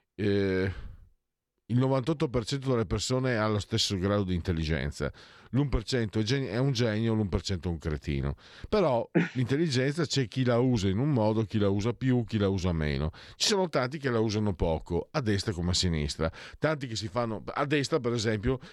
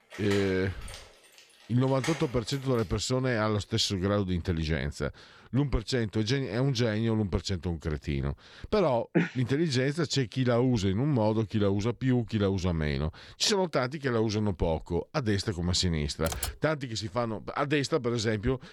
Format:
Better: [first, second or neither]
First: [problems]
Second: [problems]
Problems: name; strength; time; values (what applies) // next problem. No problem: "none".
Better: first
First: none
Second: door banging; noticeable; until 3 s; peak 8 dB below the speech // keyboard typing; noticeable; at 16 s; peak 6 dB below the speech